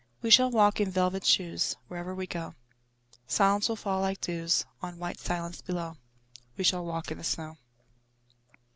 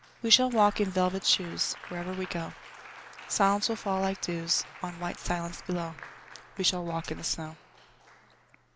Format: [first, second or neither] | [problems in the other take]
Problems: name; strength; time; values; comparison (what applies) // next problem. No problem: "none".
first | background sound (Applause); 17 dB below the speech